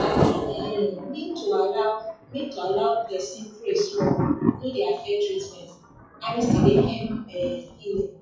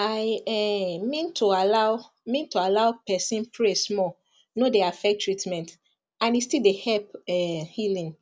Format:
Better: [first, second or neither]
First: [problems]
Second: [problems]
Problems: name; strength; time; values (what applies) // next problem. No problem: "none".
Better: second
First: noise reduction (classical method WPE with log-MMSE)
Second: none